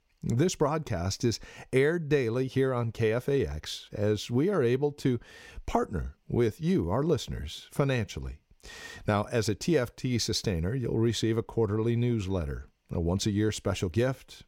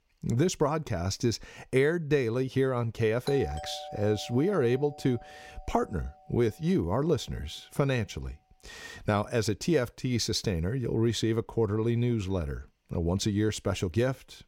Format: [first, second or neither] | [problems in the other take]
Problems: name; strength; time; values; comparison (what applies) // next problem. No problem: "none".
first | doorbell; faint; from 3.5 to 6 s; peak 10 dB below the speech